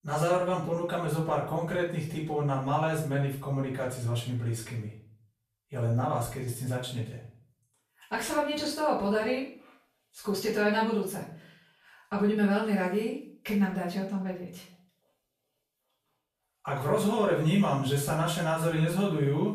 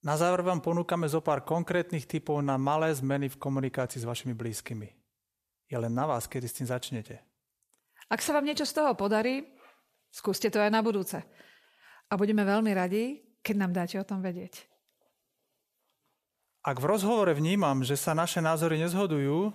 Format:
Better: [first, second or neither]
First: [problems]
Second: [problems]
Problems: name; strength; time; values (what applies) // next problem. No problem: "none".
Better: second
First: off-mic speech; far // room echo; noticeable; dies away in 0.4 s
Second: none